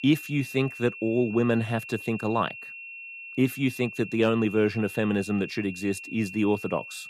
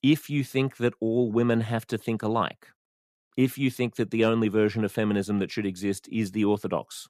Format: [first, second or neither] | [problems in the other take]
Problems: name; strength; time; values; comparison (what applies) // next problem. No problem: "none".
second | high-pitched whine; noticeable; throughout; 2.5 kHz, 10 dB below the speech